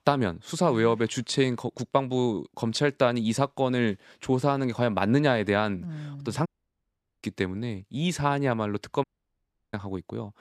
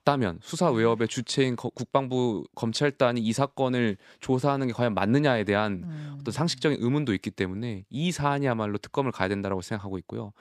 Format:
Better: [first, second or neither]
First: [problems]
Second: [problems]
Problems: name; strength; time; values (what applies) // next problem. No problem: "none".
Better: second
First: audio cutting out; at 6.5 s for 1 s and at 9 s for 0.5 s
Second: none